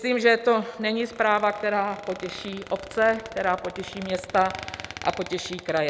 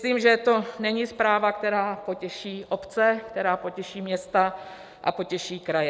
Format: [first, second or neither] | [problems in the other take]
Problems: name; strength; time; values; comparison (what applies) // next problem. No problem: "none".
second | background sound (Squeak); 16 dB below the speech